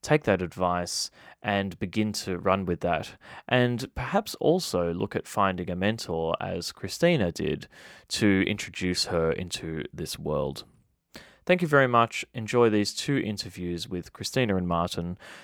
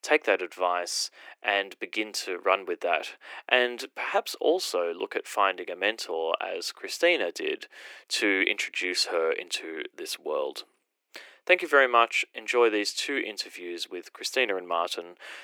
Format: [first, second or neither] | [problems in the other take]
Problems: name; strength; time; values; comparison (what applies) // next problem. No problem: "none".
first | thin; very; fading below 300 Hz